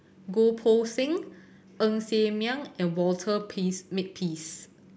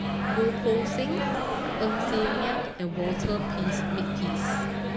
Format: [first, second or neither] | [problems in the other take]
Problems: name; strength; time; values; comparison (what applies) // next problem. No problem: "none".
first | background sound (Microwave oven); 3 dB above the speech